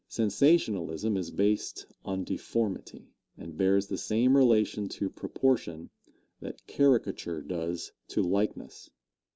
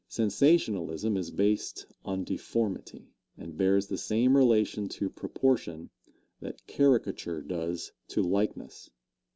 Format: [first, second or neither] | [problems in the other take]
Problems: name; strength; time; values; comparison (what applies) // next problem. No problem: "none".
second | noise reduction (neural mask model Resemble Enhance denoiser)